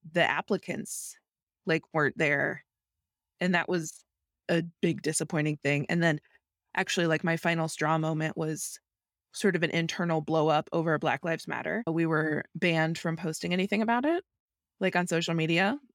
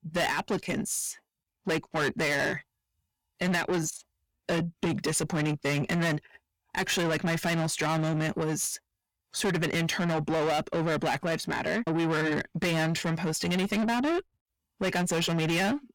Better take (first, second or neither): first